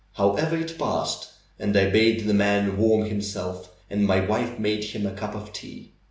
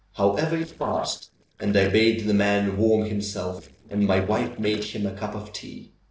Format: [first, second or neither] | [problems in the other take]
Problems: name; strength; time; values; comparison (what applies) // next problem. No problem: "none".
first | noise reduction (neural separator model SepFormer DNS4)